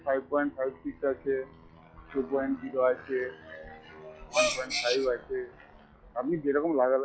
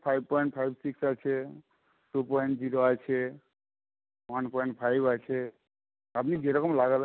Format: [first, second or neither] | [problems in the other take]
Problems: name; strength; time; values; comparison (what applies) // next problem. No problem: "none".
second | noise reduction (classical method log-MMSE)